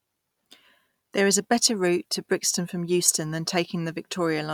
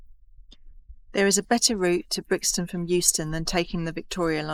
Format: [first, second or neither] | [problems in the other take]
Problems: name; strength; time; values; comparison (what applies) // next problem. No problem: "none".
first | noise reduction (neural mask model Resemble Enhance denoiser)